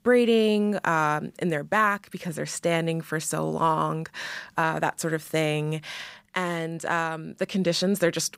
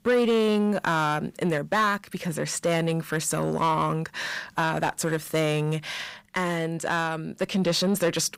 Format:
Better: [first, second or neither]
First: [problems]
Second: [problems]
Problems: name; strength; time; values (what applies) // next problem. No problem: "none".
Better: first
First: none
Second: distortion; slight; 10 dB below the speech